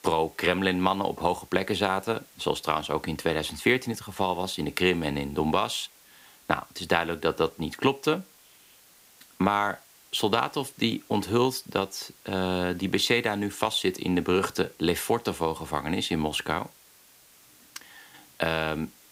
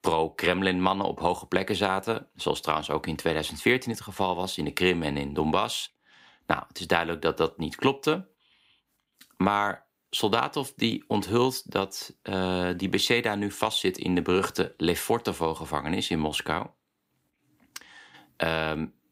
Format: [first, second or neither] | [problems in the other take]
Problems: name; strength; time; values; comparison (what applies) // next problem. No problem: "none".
second | hiss; faint; throughout; 25 dB below the speech